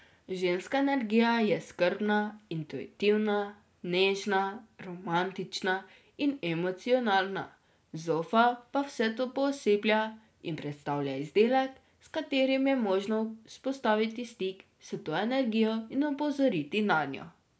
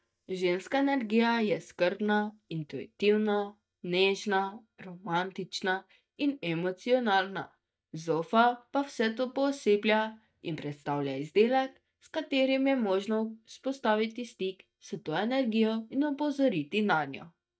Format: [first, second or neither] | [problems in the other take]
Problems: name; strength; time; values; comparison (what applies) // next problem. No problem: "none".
first | noise reduction (neural mask model DeepFilterNet 3)